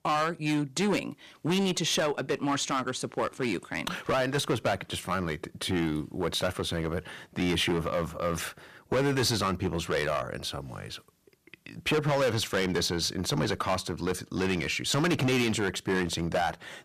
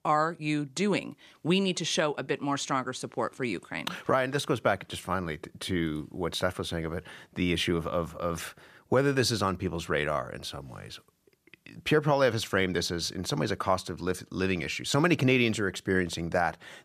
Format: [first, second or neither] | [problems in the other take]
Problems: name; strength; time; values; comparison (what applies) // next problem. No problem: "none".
second | distortion; heavy; 10% of the sound clipped